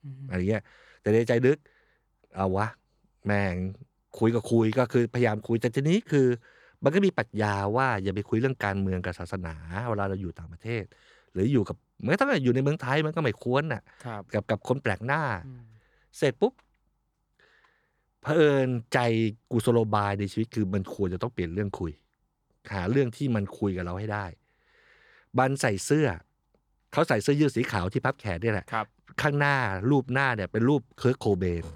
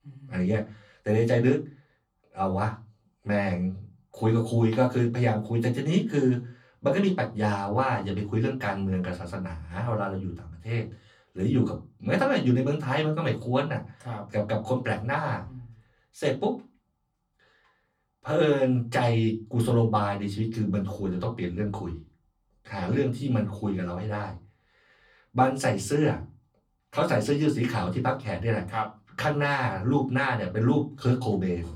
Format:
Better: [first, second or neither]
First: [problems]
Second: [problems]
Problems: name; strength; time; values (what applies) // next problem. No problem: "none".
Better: first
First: none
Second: off-mic speech; far // room echo; very slight; dies away in 0.2 s